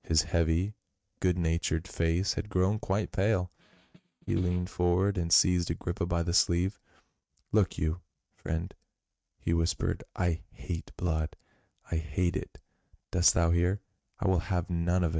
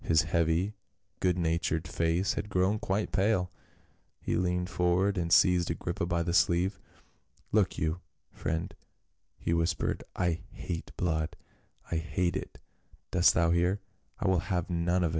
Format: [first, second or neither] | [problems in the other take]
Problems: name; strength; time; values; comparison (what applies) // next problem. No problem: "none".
second | noise reduction (neural mask model RNNoise)